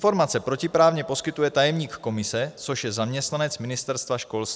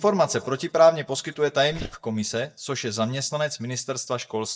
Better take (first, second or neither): first